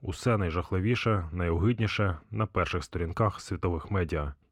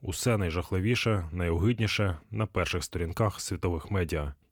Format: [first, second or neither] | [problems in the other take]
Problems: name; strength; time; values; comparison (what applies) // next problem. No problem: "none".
second | muffled; slightly; fading above 2.5 kHz